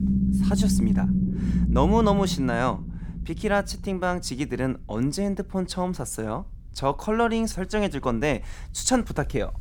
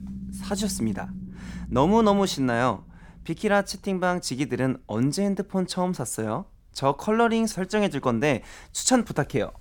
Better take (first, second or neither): second